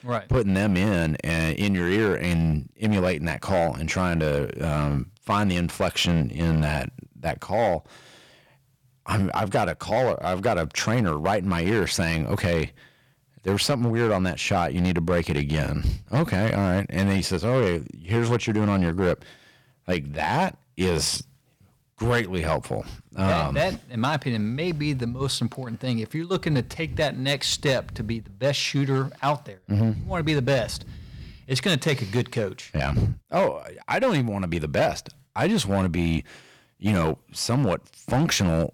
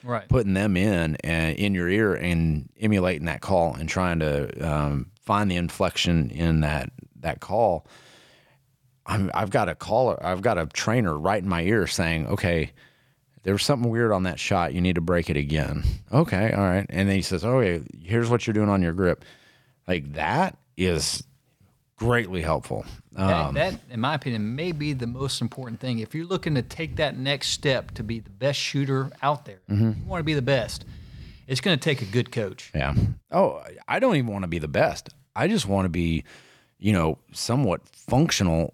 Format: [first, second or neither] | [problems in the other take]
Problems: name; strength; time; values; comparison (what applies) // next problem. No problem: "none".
second | distortion; slight; 6% of the sound clipped